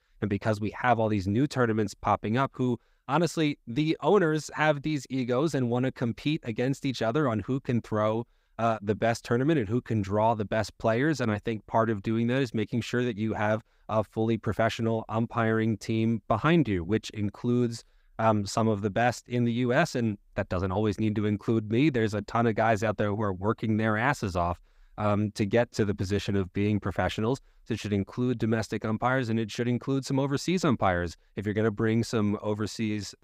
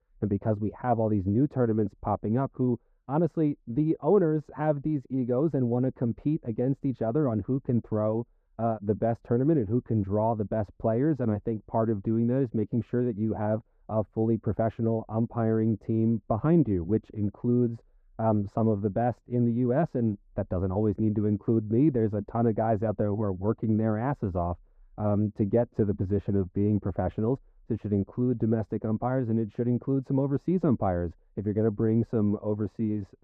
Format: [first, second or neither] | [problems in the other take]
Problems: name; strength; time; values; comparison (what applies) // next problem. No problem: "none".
first | muffled; very; fading above 1.5 kHz